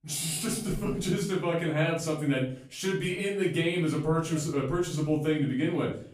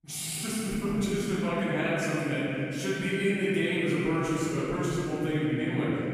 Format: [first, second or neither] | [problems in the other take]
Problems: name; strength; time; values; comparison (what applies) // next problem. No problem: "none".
first | room echo; strong; dies away in 2.9 s; slight in the first // off-mic speech; far; far in the first